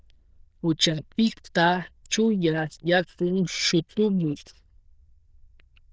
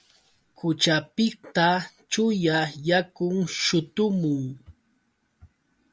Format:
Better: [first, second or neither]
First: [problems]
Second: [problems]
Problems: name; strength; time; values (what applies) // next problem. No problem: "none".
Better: second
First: noise reduction (neural diffusion model UNIVERSE++)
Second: none